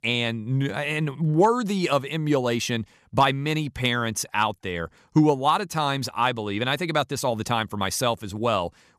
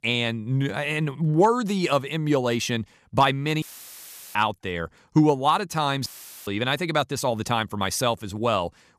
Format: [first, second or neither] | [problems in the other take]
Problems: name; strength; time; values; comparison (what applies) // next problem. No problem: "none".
first | audio cutting out; filled with static; at 3.5 s for 0.5 s and at 6 s